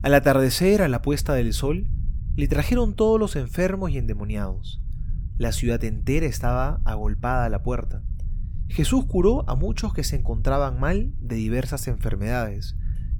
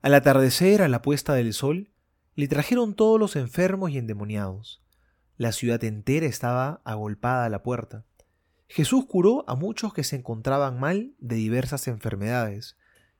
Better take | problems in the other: second | low rumble; faint; throughout; 20 dB below the speech

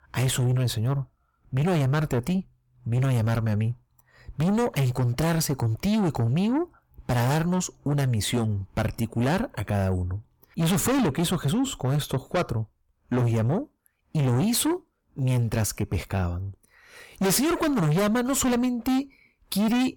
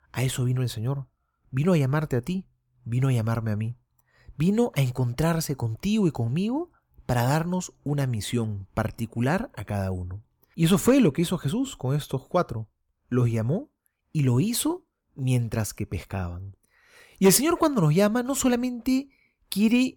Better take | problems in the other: second | distortion; heavy; 6 dB below the speech

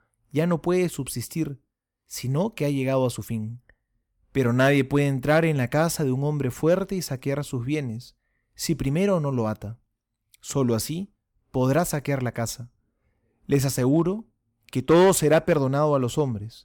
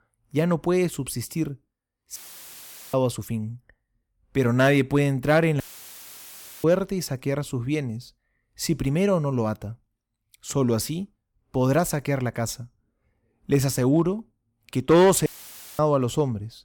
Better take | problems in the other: first | audio cutting out; filled with static; at 2 s for 1 s, at 5.5 s for 1 s and at 15 s for 0.5 s

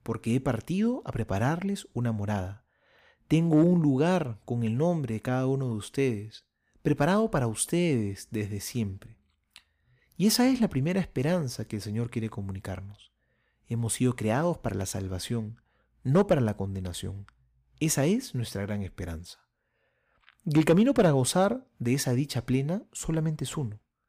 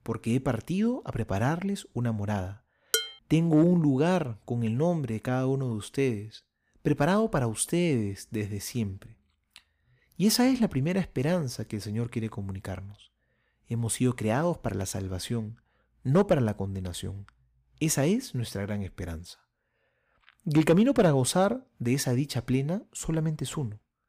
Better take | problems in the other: first | clattering dishes; noticeable; at 3 s; peak 1 dB below the speech

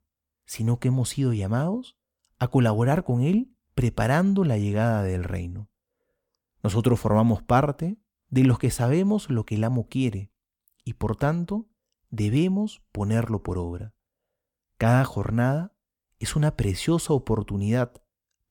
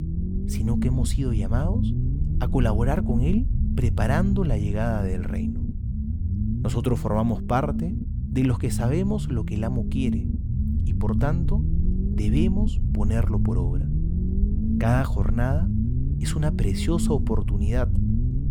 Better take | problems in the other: first | low rumble; loud; throughout; 6 dB below the speech

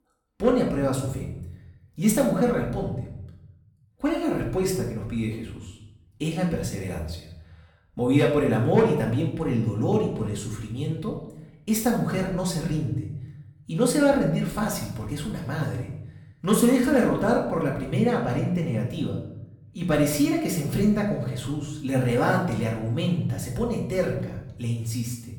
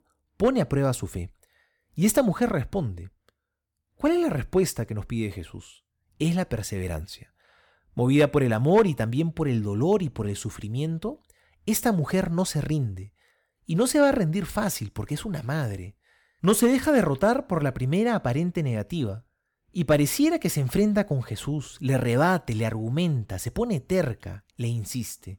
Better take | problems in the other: second | room echo; noticeable; dies away in 0.7 s // off-mic speech; far

